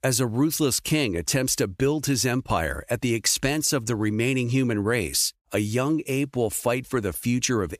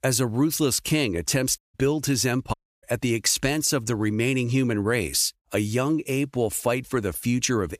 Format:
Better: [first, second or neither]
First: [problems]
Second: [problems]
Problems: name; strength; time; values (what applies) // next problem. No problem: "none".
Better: first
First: none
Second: audio cutting out; at 1.5 s and at 2.5 s